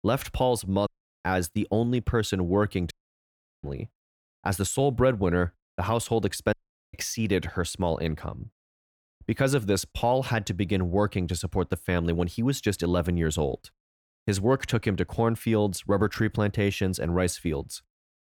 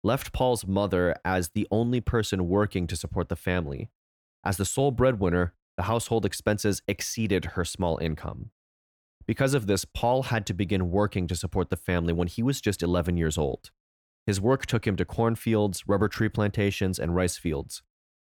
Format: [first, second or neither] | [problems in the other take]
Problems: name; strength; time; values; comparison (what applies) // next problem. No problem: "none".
second | audio cutting out; at 1 s, at 3 s for 0.5 s and at 6.5 s